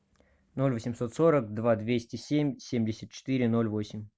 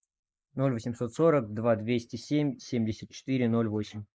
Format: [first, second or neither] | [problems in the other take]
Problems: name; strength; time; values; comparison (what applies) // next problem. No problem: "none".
first | noise reduction (neural mask model Resemble Enhance denoiser)